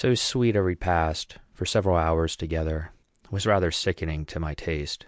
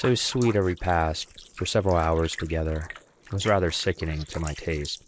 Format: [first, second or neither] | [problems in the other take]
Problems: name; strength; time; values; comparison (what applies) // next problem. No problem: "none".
first | noise reduction (neural mask model Resemble Enhance denoiser)